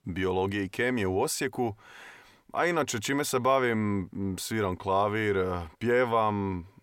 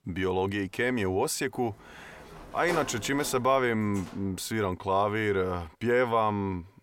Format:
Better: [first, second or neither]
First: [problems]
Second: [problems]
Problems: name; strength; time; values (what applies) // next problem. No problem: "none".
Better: first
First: none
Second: door banging; noticeable; from 2 to 4 s; peak 8 dB below the speech